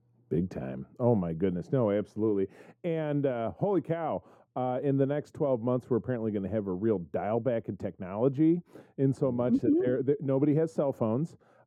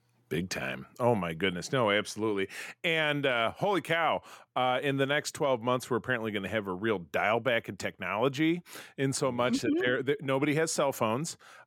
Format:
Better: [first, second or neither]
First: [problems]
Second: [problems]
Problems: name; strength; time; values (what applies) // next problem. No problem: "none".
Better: second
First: muffled; very; fading above 1 kHz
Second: none